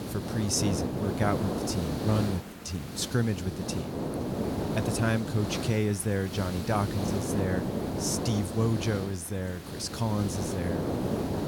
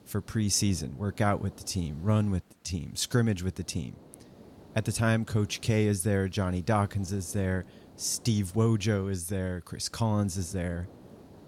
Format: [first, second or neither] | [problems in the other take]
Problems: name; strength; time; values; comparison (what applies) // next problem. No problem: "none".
second | hiss; loud; throughout; 3 dB below the speech; faint in the second